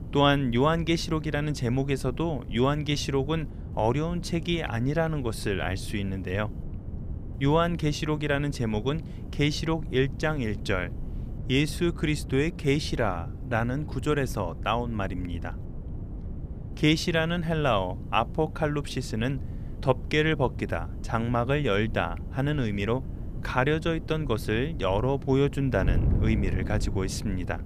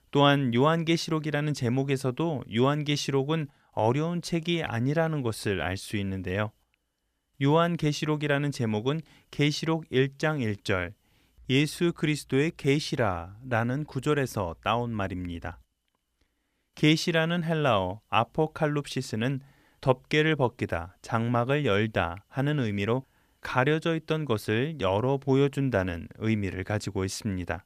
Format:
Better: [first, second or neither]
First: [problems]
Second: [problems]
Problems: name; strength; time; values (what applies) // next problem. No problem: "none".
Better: second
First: wind noise on the microphone; occasional gusts; 20 dB below the speech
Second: none